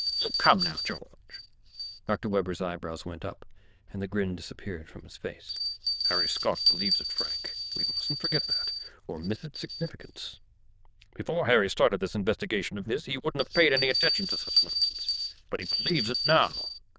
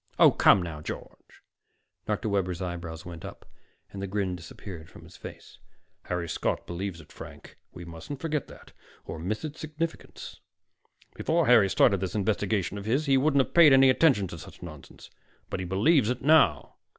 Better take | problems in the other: second | noise reduction (neural diffusion model UNIVERSE++)

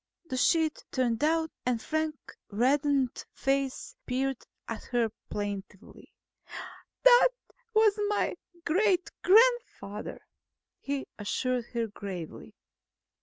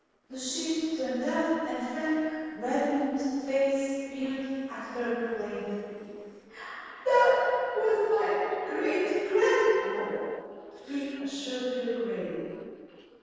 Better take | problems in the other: first | noise reduction (neural separator model SepFormer DNS4)

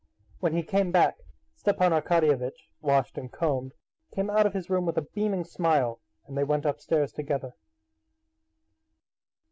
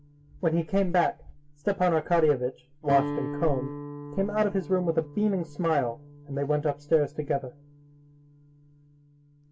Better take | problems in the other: first | background sound (Guitar); 12 dB below the speech // room echo; dies away in 0.1 s

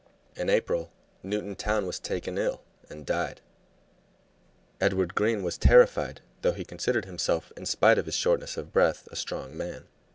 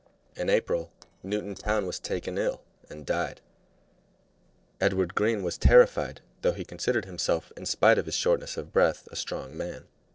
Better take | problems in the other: first | noise reduction (neural separator model SepFormer DNS4)

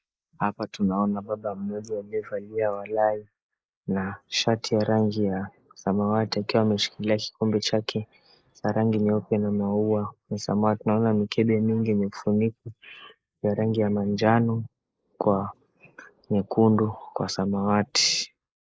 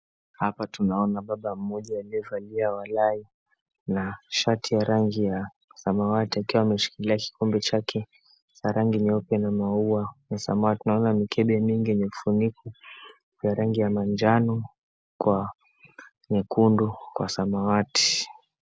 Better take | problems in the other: second | noise reduction (neural mask model Resemble Enhance denoiser)

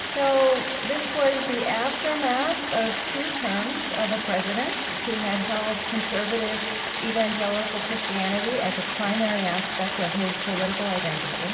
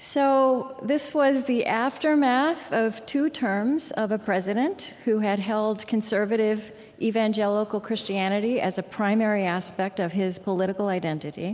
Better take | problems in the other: second | background sound (Stream); 3 dB below the speech // room echo; dies away in 2.3 s

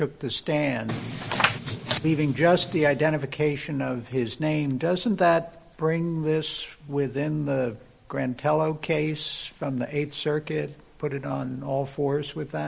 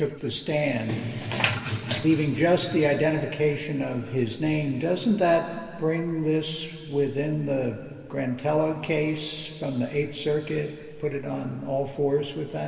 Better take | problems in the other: first | room echo; dies away in 2.4 s

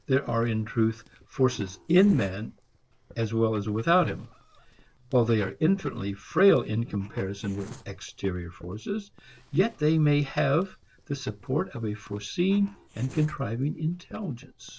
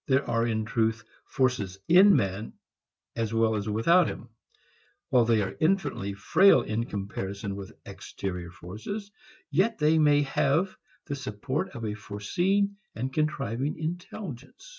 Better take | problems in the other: second | noise reduction (neural separator model SepFormer DNS4)

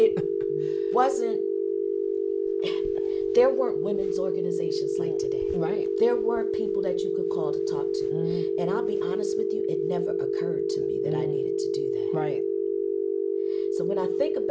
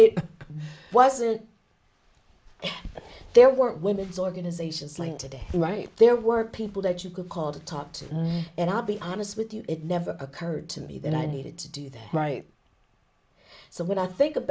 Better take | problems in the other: second | background sound (Telephone); 5 dB above the speech

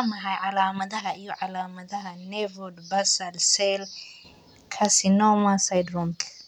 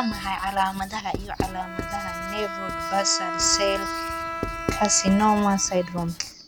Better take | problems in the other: first | background sound (Bowed string instrument + Writing); 6 dB below the speech

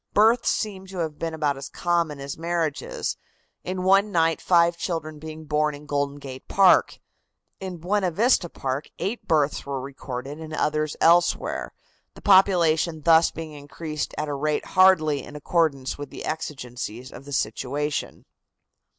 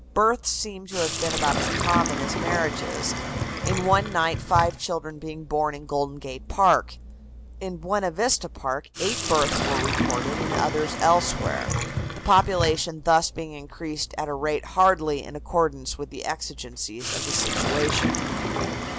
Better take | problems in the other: first | background sound (Sink (filling or washing)); 4 dB below the speech

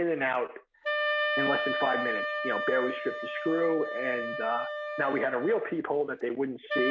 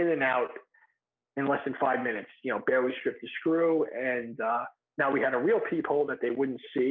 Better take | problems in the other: second | background sound (Wind instrument, woodwind instrument); 3 dB below the speech

